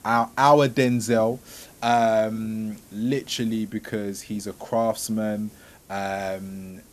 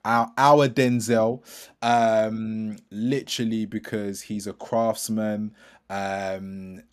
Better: second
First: hiss; faint; throughout; 25 dB below the speech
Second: none

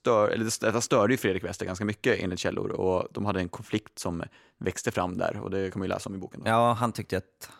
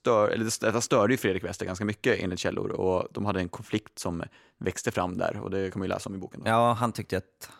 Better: neither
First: none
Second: none

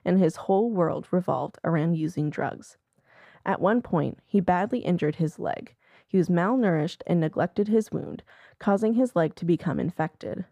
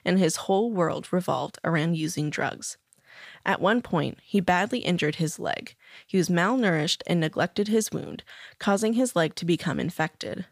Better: second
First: muffled; very; fading above 2 kHz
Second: none

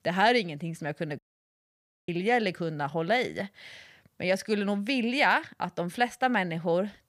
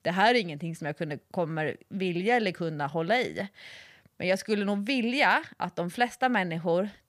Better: second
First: audio cutting out; at 1 s for 1 s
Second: none

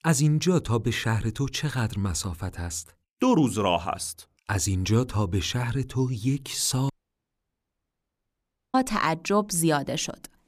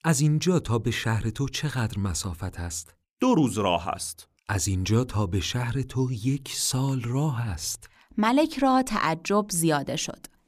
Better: second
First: audio cutting out; at 7 s for 2 s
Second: none

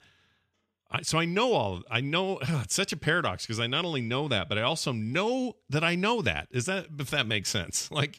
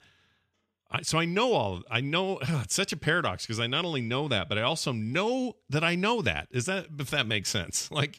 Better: neither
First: none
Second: none

